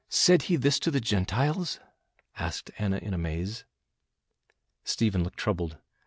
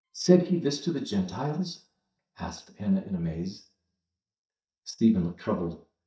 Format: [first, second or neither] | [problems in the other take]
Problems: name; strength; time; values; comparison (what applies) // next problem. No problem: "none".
first | noise reduction (neural mask model DeepFilterNet 3)